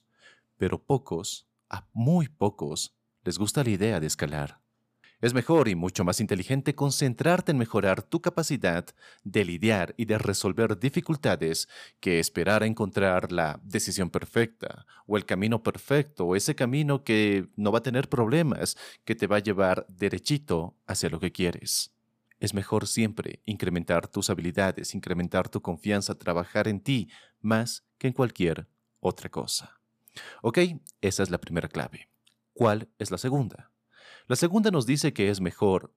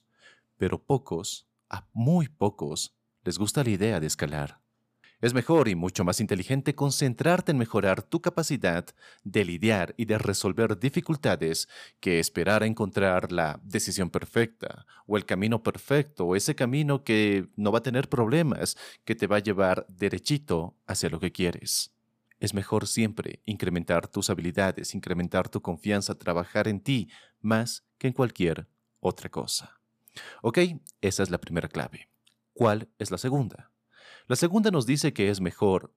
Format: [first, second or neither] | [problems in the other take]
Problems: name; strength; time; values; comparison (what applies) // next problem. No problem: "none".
neither | none